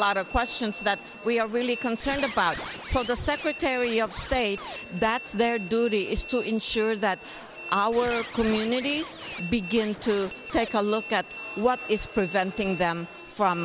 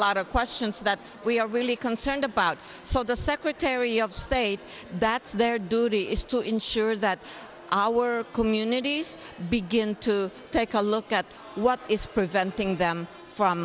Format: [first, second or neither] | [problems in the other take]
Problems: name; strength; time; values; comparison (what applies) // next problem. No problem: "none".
second | background sound (Squeak); 13 dB below the speech